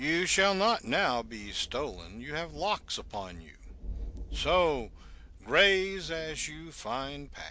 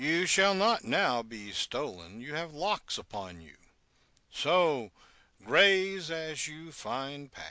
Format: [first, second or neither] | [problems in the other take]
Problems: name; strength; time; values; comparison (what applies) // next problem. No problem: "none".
second | background sound (Thunder); 14 dB below the speech